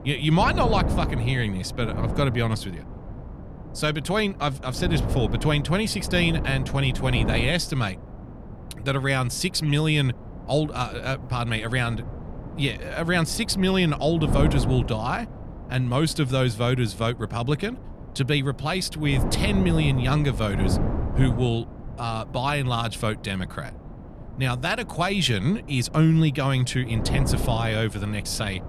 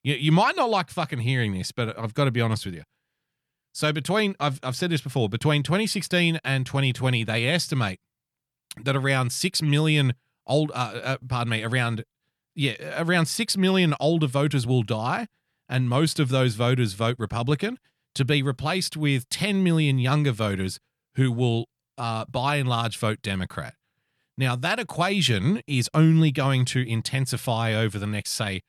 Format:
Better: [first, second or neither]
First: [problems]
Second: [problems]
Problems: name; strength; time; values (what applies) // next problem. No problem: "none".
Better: second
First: wind noise on the microphone; occasional gusts; 10 dB below the speech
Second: none